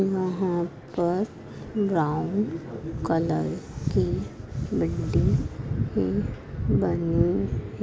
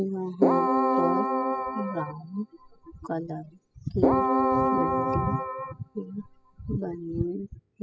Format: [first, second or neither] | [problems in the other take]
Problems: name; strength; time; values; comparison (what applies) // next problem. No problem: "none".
first | noise reduction (classical method spectral subtraction)